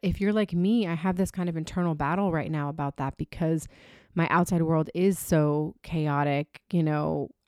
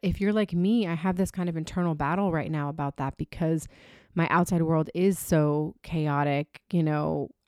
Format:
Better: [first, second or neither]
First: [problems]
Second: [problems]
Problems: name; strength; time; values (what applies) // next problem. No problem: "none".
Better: neither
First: none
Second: none